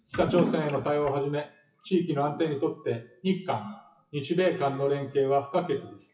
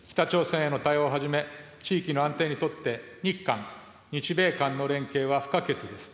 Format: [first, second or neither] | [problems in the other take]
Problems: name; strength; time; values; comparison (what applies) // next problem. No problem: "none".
second | noise reduction (classical method WPE with log-MMSE)